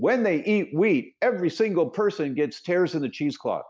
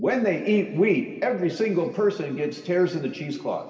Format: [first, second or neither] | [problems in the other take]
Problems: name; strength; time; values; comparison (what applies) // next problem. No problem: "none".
first | room echo; dies away in 2.8 s